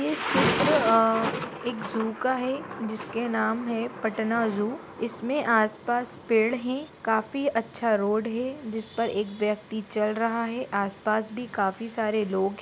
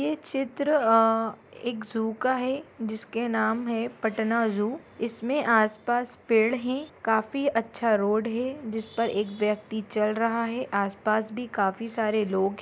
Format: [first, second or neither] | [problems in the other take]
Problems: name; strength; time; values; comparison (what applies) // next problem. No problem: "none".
second | background sound (Thunder); 9 dB below the speech